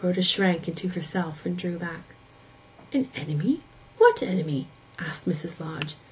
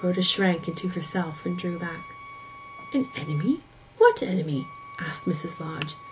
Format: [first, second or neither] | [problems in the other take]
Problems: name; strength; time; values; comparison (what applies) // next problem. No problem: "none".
first | background sound (Wind instrument, woodwind instrument); 17 dB below the speech